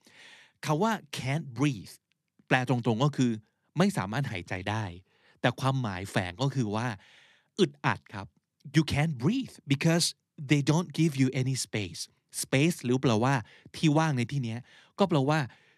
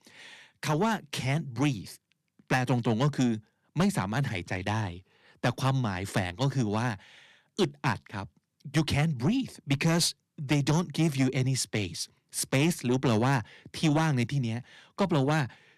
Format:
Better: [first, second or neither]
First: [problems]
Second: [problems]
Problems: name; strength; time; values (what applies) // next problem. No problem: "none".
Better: first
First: none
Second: distortion; slight; 10 dB below the speech